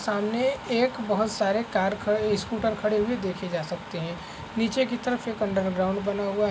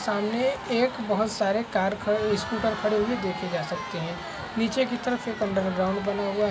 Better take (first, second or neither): first